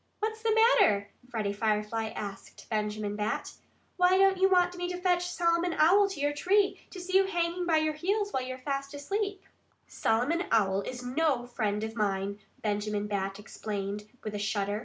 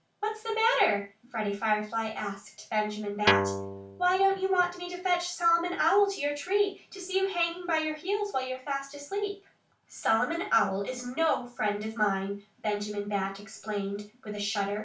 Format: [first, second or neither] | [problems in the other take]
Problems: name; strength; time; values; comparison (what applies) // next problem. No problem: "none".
first | background sound (Guitar); 1 dB above the speech // room echo; dies away in 0.2 s